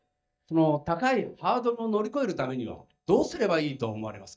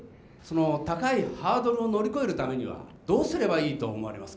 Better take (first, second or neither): second